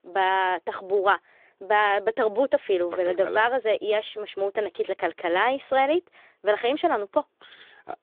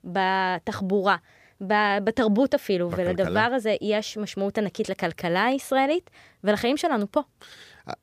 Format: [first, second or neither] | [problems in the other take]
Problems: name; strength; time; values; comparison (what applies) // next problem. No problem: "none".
second | phone-call audio